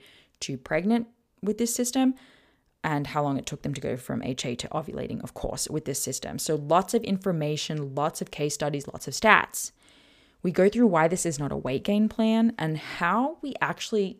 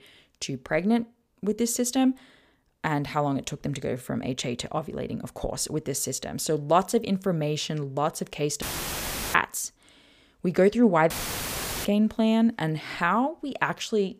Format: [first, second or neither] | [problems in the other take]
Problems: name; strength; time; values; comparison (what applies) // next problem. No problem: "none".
first | audio cutting out; filled with static; at 8.5 s for 0.5 s and at 11 s for 1 s